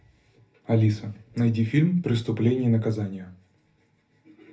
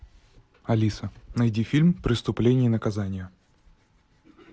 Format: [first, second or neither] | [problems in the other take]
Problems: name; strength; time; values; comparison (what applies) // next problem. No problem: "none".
second | room echo; dies away in 0.3 s